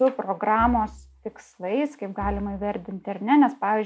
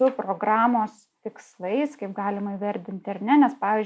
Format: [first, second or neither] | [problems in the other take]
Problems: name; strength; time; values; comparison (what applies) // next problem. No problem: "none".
second | background sound (Bowed string instrument); 15 dB below the speech